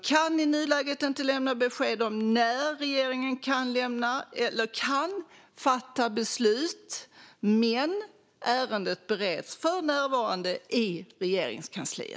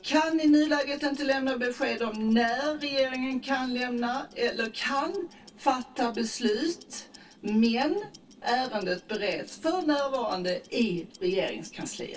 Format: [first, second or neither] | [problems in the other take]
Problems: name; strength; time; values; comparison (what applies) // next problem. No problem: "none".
first | noise reduction (neural separator model SepFormer DNS4)